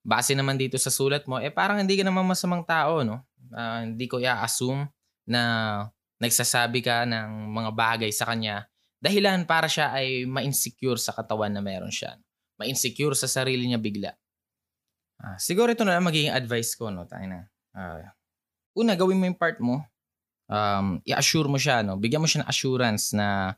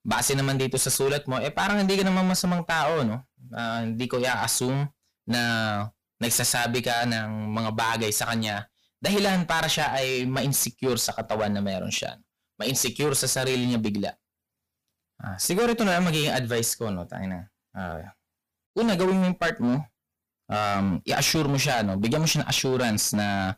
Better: first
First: none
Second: distortion; heavy; 14% of the sound clipped

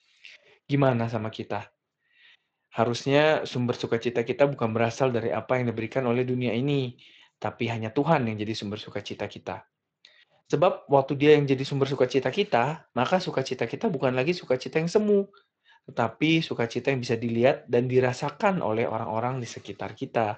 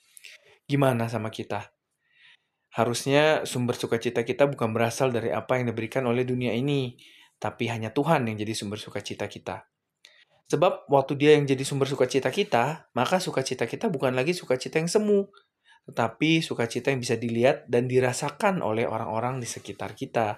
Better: second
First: garbled, watery; slightly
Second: none

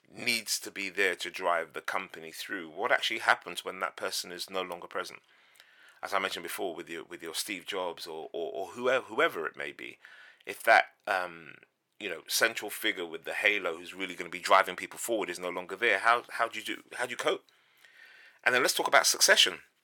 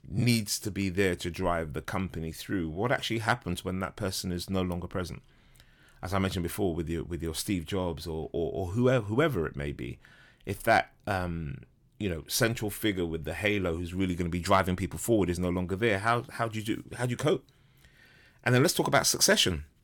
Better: second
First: thin; very; fading below 550 Hz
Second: none

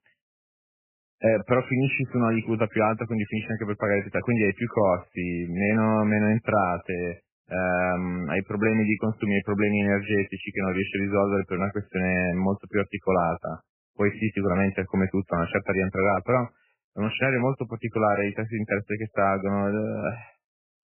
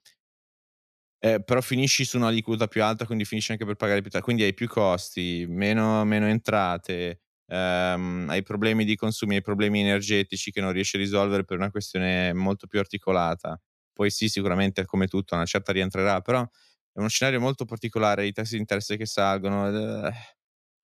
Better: second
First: garbled, watery; badly; nothing above 2.5 kHz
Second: none

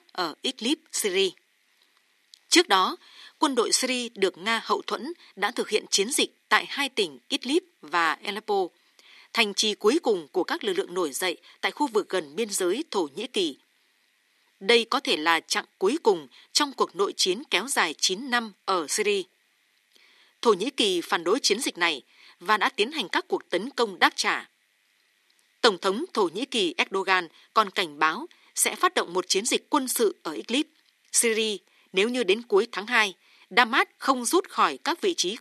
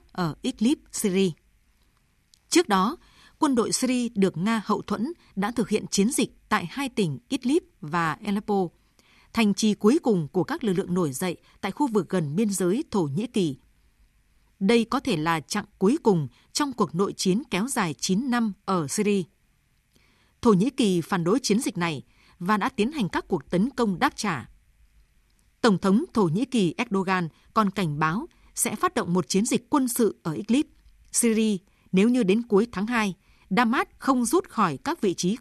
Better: second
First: thin; somewhat; fading below 300 Hz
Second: none

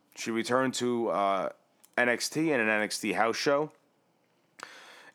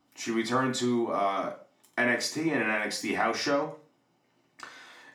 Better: first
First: none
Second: room echo; slight; dies away in 0.3 s // off-mic speech; far

